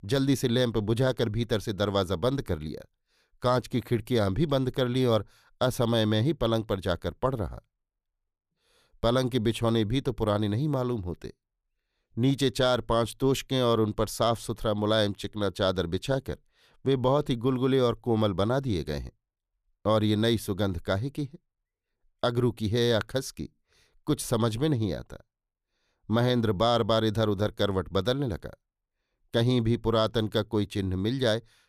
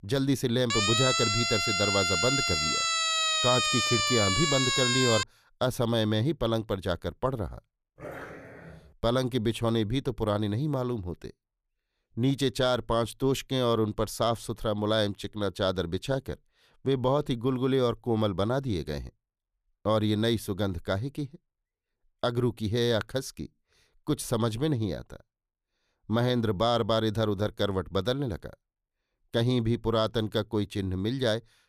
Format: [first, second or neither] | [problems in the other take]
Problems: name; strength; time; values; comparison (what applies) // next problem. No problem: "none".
first | siren; loud; from 0.5 to 5 s; peak 5 dB above the speech // dog barking; faint; at 8 s; peak 10 dB below the speech